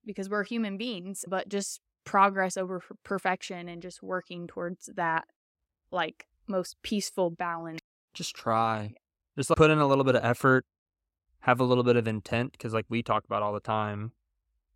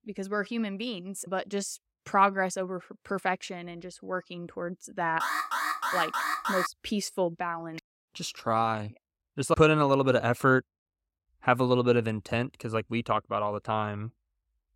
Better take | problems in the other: first | alarm; noticeable; from 5 to 6.5 s; peak level with the speech

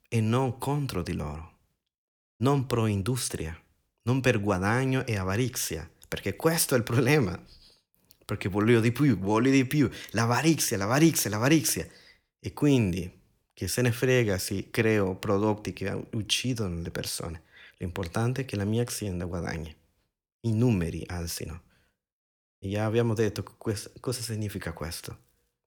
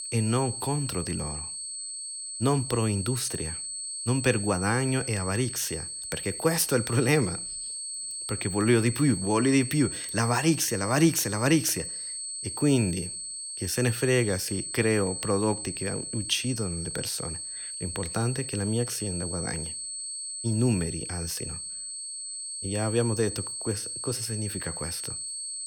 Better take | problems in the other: first | high-pitched whine; loud; throughout; 8.5 kHz, 5 dB below the speech

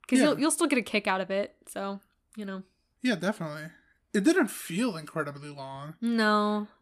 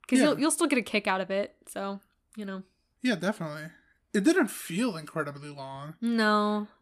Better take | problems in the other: neither | none

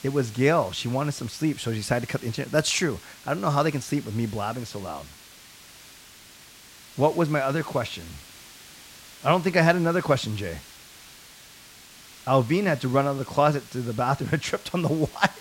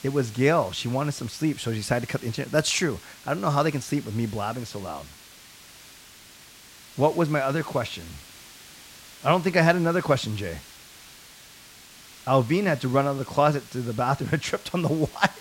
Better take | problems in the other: neither | hiss; noticeable; throughout; 20 dB below the speech; the same in both

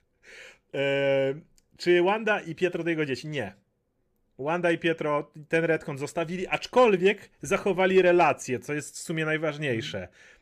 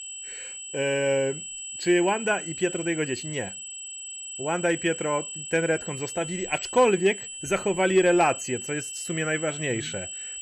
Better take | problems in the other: first | high-pitched whine; loud; throughout; 8 kHz, 8 dB below the speech

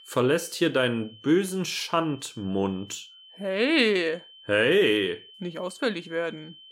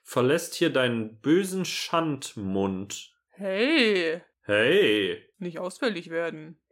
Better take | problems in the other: second | high-pitched whine; faint; throughout; 3 kHz, 20 dB below the speech

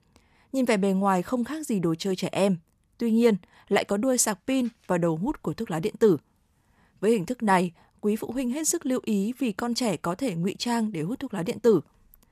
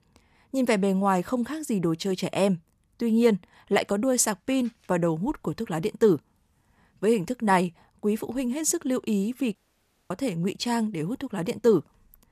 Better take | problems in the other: first | audio cutting out; at 9.5 s for 0.5 s

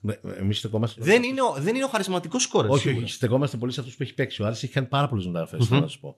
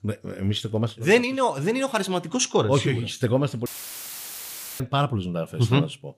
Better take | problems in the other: first | audio cutting out; filled with static; at 3.5 s for 1 s

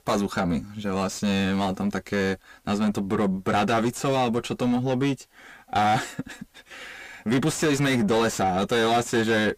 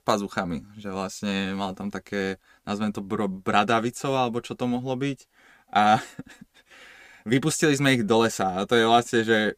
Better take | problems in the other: second | distortion; heavy; 6 dB below the speech

